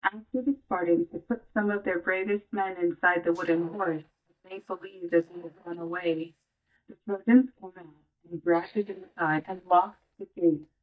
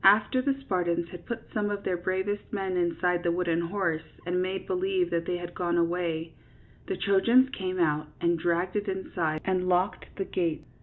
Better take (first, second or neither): second